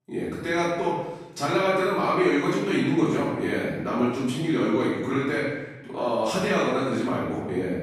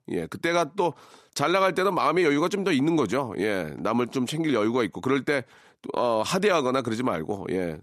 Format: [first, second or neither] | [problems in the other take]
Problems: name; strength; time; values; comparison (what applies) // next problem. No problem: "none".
second | room echo; strong; dies away in 1.1 s // off-mic speech; far